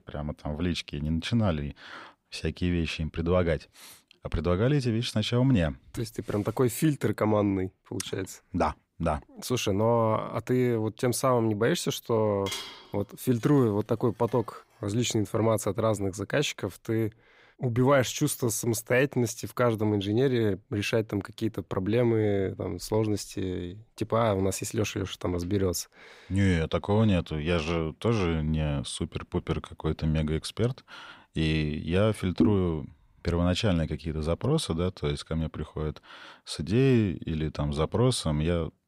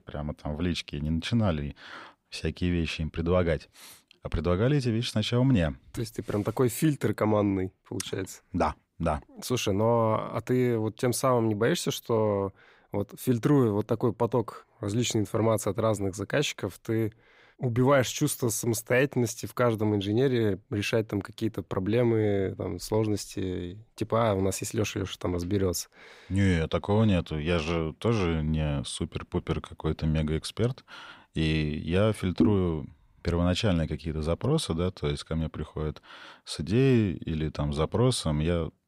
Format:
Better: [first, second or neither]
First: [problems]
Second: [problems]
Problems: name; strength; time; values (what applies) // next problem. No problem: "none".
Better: second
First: clattering dishes; noticeable; from 12 to 14 s; peak 7 dB below the speech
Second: none